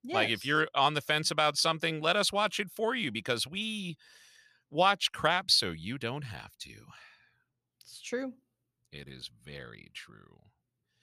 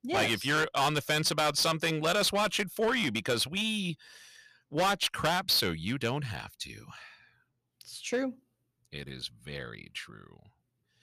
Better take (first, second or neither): first